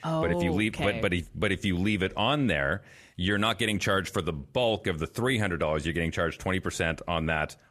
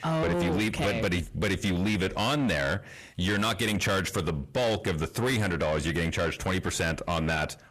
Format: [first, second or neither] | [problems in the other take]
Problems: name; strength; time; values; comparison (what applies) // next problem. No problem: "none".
first | distortion; heavy; 8 dB below the speech